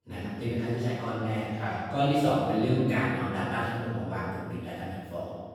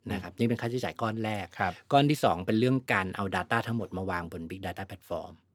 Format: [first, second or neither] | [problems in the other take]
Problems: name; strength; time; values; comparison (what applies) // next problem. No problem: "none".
second | off-mic speech; far // room echo; strong; dies away in 2.1 s